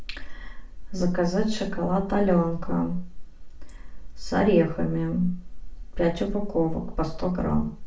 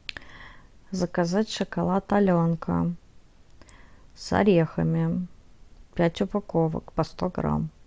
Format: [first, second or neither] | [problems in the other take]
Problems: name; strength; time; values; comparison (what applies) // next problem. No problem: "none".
second | room echo; dies away in 0.3 s